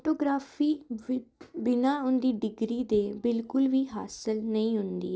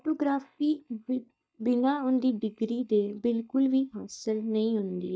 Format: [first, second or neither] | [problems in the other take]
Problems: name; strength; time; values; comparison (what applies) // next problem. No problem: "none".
first | noise reduction (neural mask model DeepFilterNet 3)